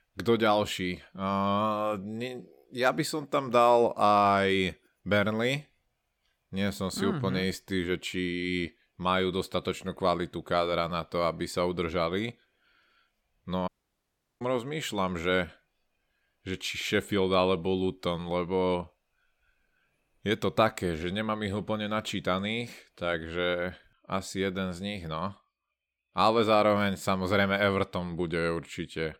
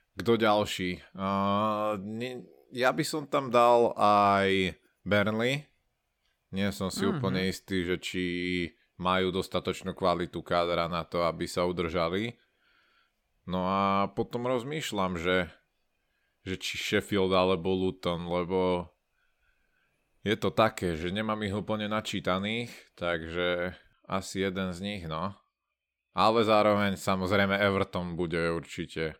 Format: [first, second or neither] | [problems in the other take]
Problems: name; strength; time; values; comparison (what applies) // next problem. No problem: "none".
second | audio cutting out; at 14 s for 0.5 s